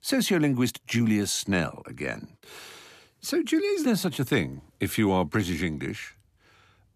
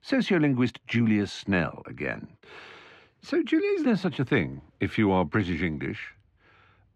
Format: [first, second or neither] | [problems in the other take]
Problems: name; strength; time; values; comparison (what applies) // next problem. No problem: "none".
first | muffled; slightly; fading above 2.5 kHz